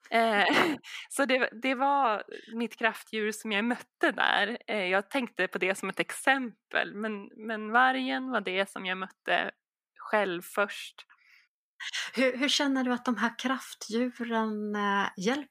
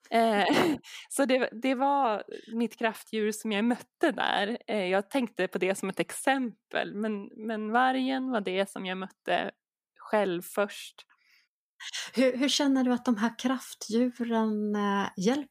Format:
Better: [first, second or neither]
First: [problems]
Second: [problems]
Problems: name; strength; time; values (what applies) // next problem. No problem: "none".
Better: second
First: thin; very slightly; fading below 250 Hz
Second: none